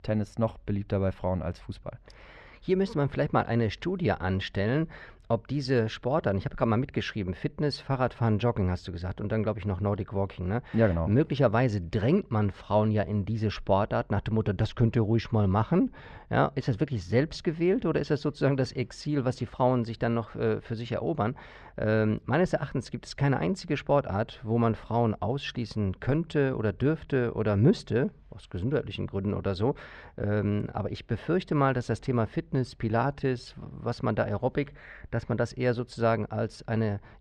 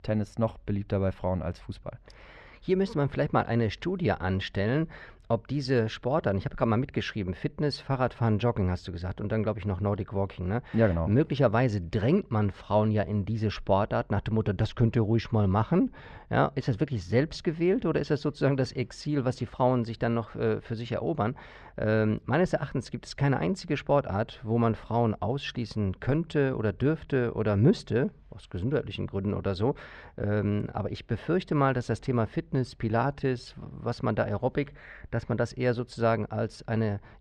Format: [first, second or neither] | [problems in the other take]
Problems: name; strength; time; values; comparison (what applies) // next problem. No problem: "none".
neither | muffled; slightly; fading above 3 kHz; the same in both